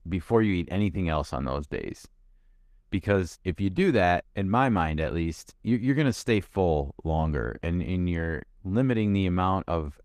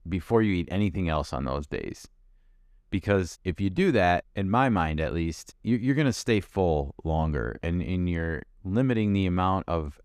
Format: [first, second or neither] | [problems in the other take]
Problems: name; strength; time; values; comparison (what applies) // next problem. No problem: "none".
second | garbled, watery; slightly; nothing above 14.5 kHz